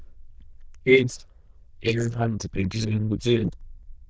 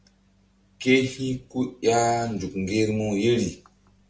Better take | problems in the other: second | noise reduction (neural diffusion model UNIVERSE++)

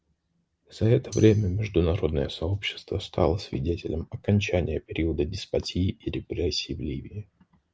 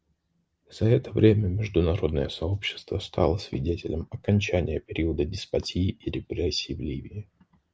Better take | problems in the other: second | background sound (Tambourine); 19 dB below the speech

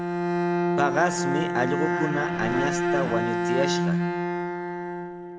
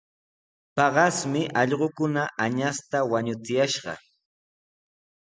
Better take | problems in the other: second | background sound (Bowed string instrument); 3 dB above the speech

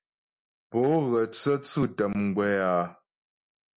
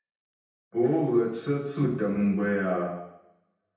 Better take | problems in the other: first | room echo; dies away in 0.8 s

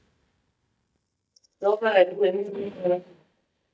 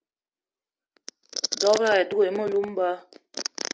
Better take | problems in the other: second | noise reduction (neural mask model DeepFilterNet 3)

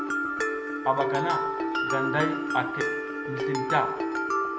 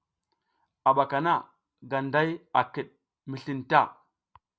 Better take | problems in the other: second | background sound (Mallet percussion); 3 dB above the speech // room echo; dies away in 0.8 s

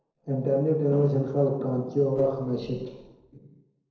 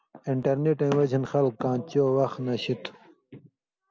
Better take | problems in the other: second | noise reduction (neural separator model SepFormer DNS4)

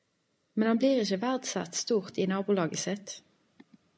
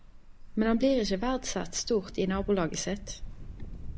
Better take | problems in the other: first | background sound (Ocean); 9 dB below the speech

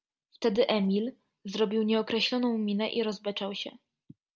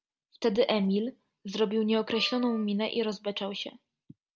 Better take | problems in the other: first | background sound (Wind instrument, woodwind instrument); 20 dB below the speech

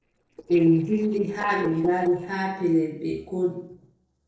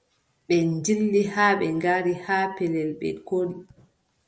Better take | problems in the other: second | noise reduction (neural separator model SepFormer DNS4)

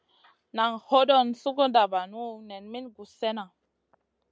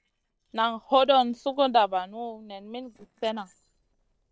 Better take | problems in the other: first | noise reduction (neural separator model SepFormer DNS4)

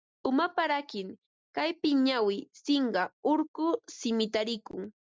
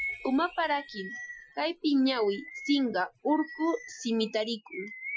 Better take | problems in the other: first | noise reduction (classical method Wiener filter)

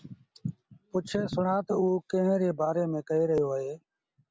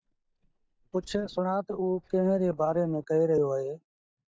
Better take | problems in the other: first | noise reduction (neural mask model DeepFilterNet 3)

